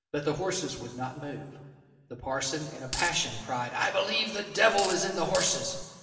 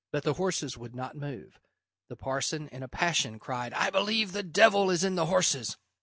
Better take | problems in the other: second | background sound (Coin (dropping)); 7 dB below the speech // room echo; dies away in 1.9 s

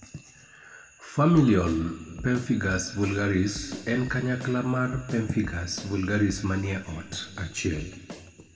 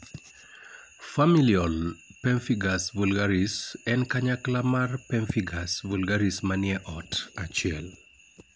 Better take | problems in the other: second | background sound (Drum kit); 18 dB below the speech // room echo; dies away in 1.8 s

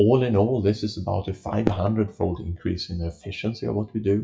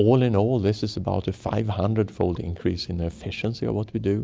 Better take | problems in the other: second | noise reduction (classical method WPE with log-MMSE)

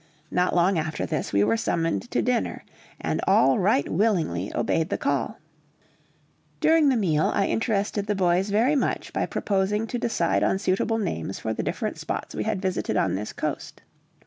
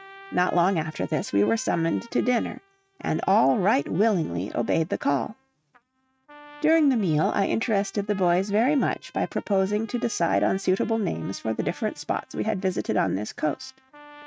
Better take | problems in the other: first | noise reduction (neural mask model RNNoise)

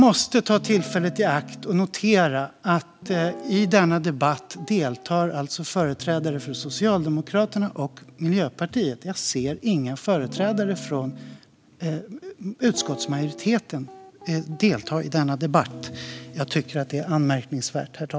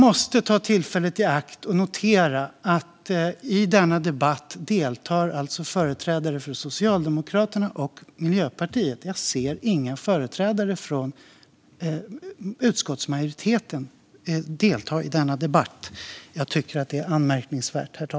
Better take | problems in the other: second | background sound (Guitar); 18 dB below the speech

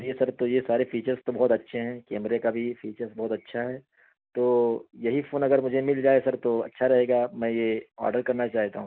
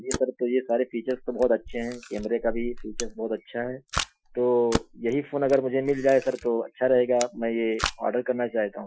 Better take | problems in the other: first | noise reduction (classical method Wiener filter)

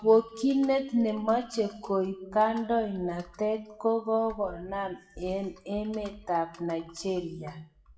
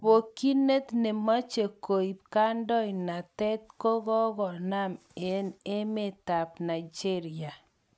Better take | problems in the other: second | noise reduction (classical method WPE with log-MMSE)

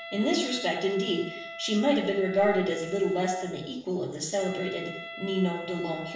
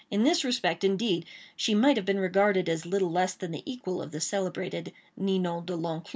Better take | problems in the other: second | background sound (Wind instrument, woodwind instrument); 13 dB below the speech // room echo; dies away in 0.7 s

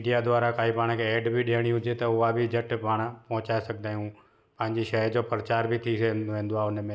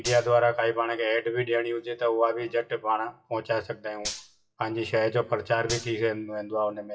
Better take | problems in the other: first | noise reduction (classical method WPE with log-MMSE)

